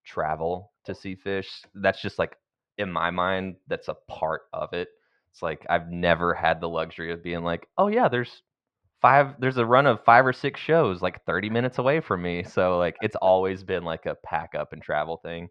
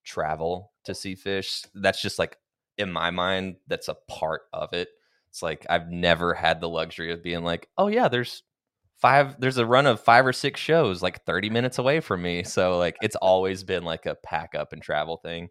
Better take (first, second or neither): second